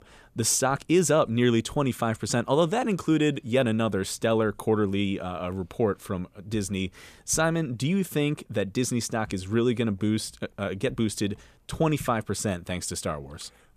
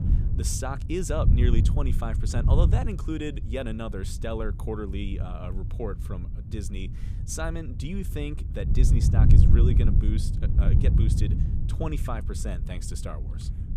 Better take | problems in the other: first | wind noise on the microphone; heavy; 5 dB below the speech

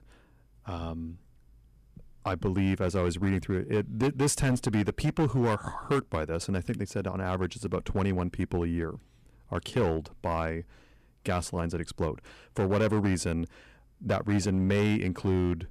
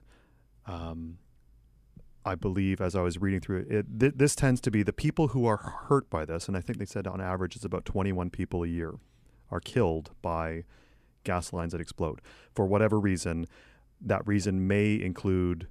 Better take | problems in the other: second | distortion; slight; 6% of the sound clipped

